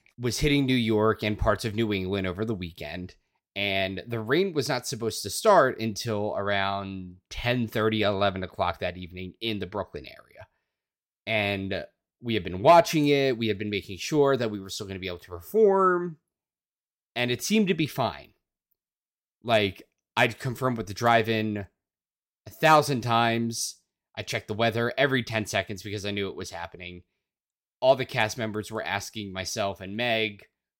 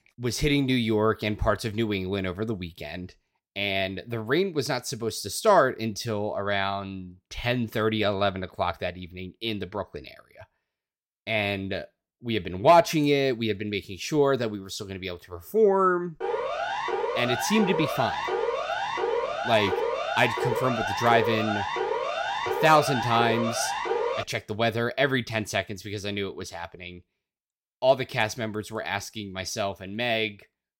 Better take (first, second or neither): first